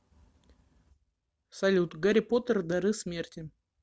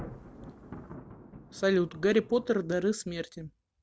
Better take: first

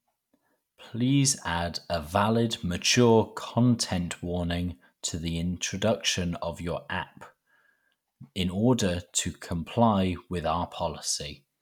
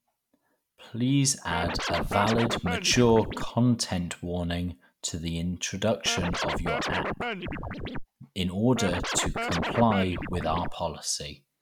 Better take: first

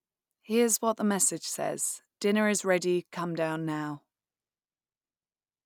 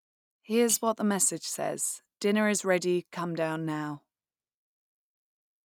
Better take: first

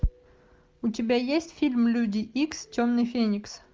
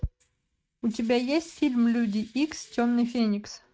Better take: first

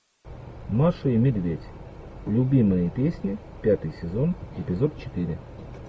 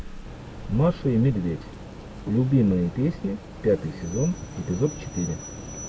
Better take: first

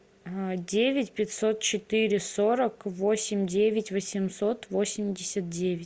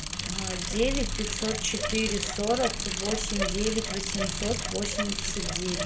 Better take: first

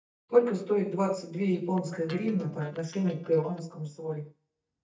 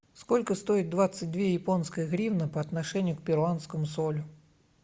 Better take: second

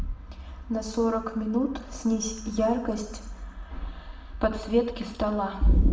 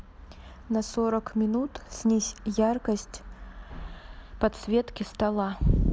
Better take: second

